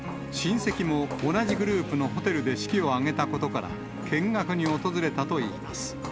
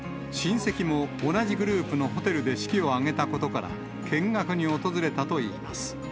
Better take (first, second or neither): second